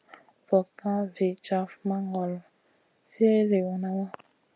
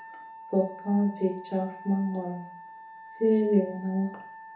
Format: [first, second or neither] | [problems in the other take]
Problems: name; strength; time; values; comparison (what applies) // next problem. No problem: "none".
first | background sound (Wind instrument, woodwind instrument); 16 dB below the speech // room echo; dies away in 0.7 s